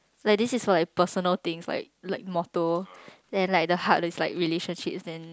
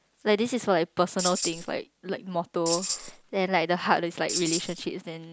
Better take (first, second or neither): first